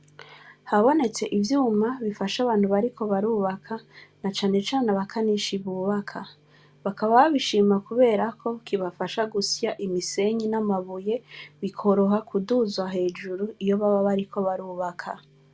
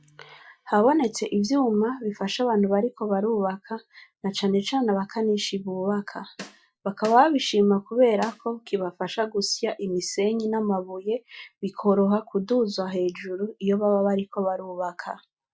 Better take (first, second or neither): first